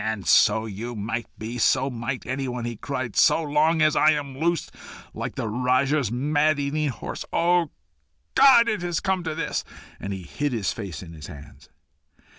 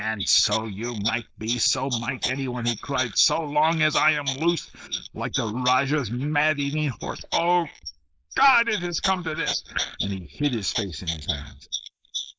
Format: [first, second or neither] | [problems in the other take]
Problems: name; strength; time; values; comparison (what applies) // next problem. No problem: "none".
first | noise reduction (neural mask model Resemble Enhance denoiser)